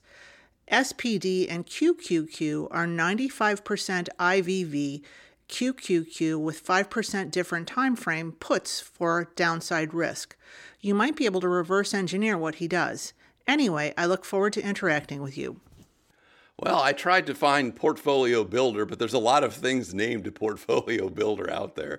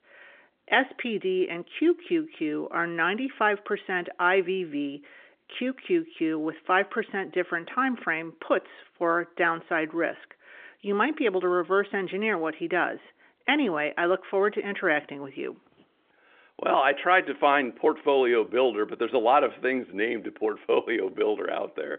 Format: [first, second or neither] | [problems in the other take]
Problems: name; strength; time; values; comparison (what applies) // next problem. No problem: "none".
first | phone-call audio; nothing above 3.5 kHz